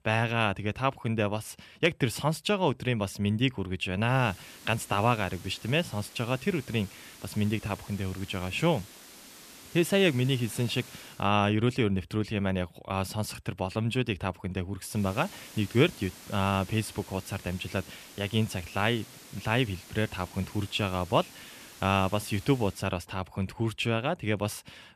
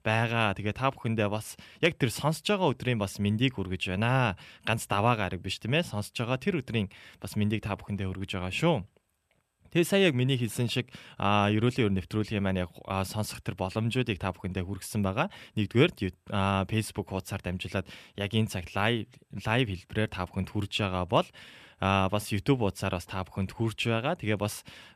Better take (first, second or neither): second